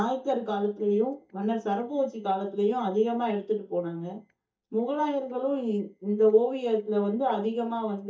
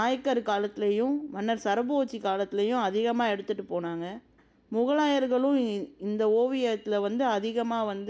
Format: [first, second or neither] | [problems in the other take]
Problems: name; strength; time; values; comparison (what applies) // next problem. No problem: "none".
second | noise reduction (neural mask model DeepFilterNet 3)